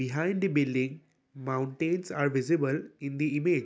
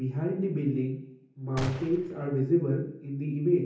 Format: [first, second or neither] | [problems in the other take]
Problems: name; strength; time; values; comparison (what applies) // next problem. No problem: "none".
first | background sound (Gunshot, gunfire); 12 dB below the speech // room echo; dies away in 0.7 s